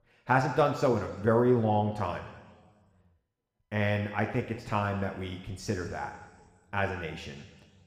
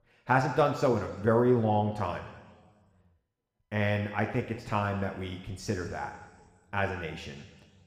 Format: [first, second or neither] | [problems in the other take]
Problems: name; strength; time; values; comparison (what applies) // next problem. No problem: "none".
neither | room echo; slight; dies away in 1.6 s; the same in both // off-mic speech; somewhat distant; the same in both